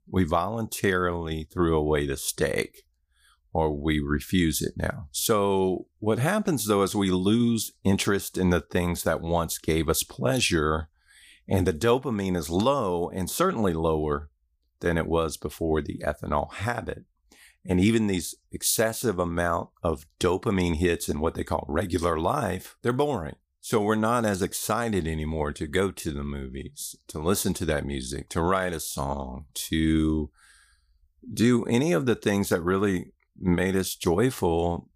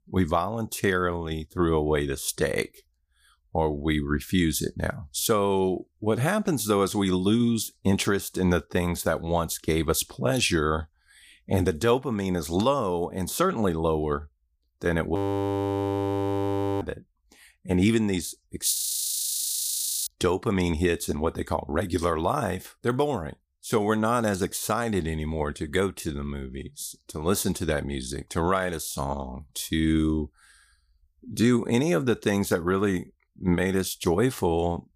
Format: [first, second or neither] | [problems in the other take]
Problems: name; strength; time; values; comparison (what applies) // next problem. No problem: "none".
first | audio freezing; at 15 s for 1.5 s and at 19 s for 1.5 s